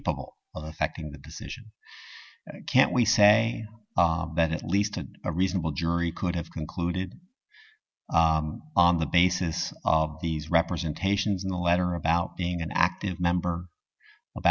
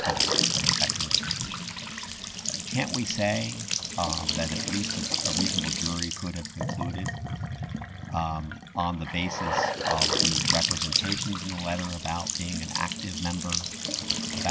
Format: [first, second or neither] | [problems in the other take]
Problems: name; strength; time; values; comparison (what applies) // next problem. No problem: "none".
first | background sound (Trickle, dribble / Bathtub (filling or washing) / Sink (filling or washing) / Gurgling / Splash, splatter); 3 dB above the speech